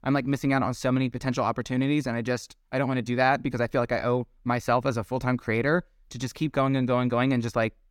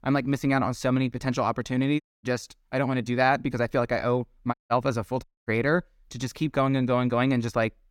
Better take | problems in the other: first | audio cutting out; at 2 s, at 4.5 s and at 5 s

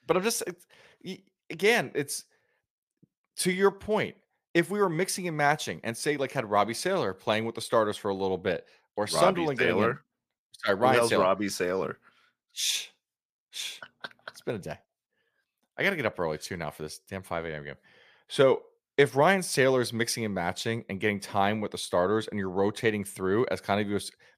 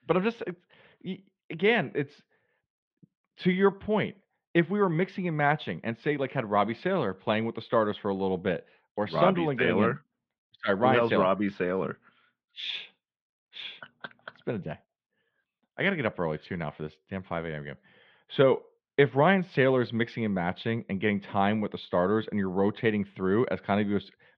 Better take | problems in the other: first | muffled; very; fading above 3.5 kHz

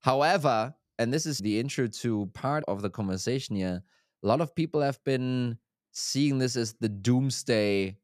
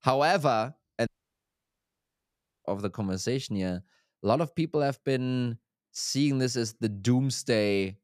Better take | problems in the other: first | audio cutting out; at 1 s for 1.5 s

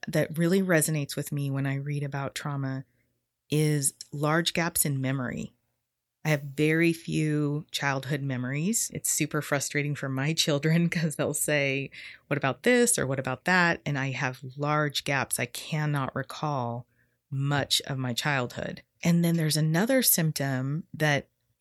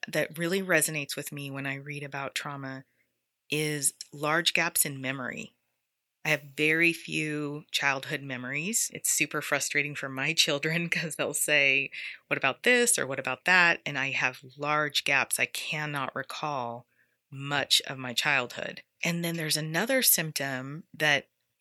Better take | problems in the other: first | thin; somewhat; fading below 900 Hz

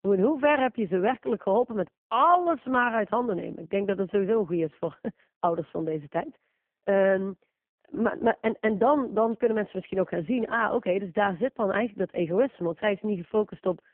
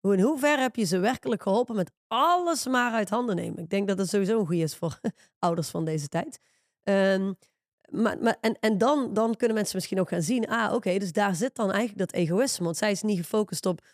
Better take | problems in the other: second | phone-call audio; poor line

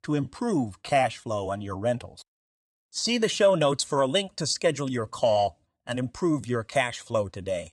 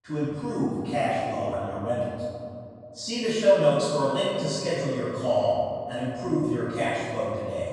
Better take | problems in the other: first | off-mic speech; far // room echo; strong; dies away in 2.4 s

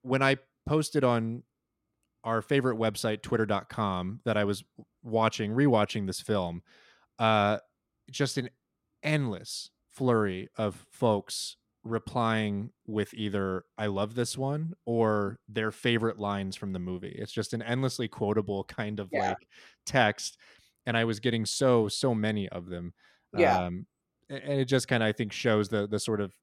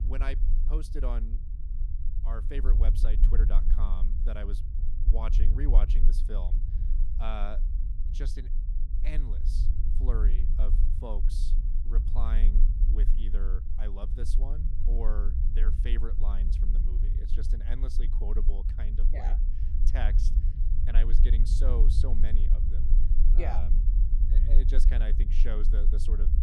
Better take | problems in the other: first | low rumble; loud; throughout; 7 dB below the speech

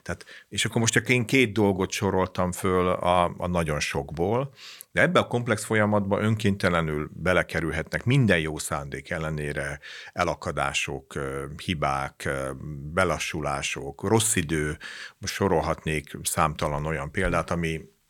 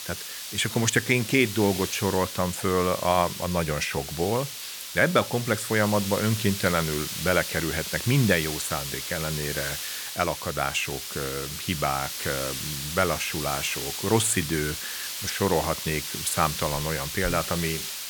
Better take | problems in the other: first | hiss; loud; throughout; 5 dB below the speech

